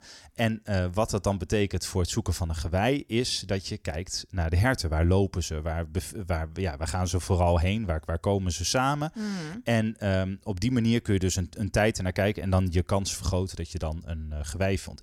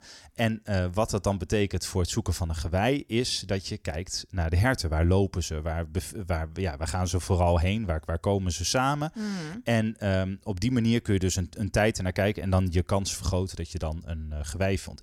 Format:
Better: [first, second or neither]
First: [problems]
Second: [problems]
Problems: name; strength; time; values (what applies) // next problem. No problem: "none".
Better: neither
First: none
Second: none